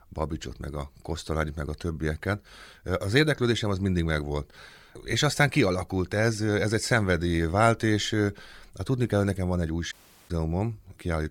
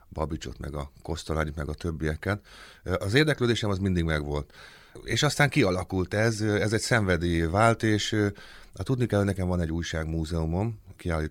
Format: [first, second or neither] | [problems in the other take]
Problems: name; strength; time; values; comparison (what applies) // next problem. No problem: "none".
second | audio cutting out; at 10 s